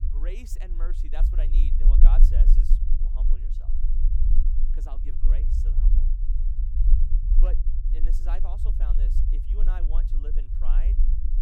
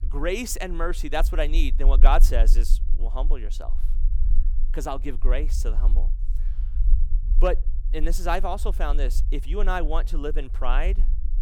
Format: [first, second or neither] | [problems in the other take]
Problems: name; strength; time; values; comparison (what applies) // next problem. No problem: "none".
second | low rumble; loud; throughout; 3 dB below the speech; faint in the second